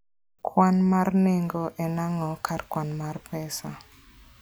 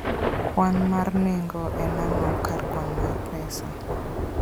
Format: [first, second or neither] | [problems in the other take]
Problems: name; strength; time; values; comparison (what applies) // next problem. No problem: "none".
first | background sound (Thunder / Rain); as loud as the speech